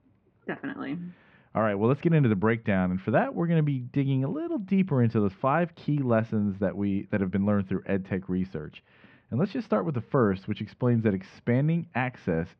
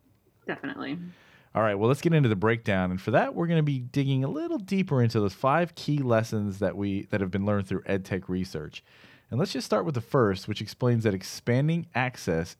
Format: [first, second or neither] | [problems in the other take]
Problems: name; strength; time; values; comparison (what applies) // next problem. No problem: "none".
second | muffled; very; fading above 2.5 kHz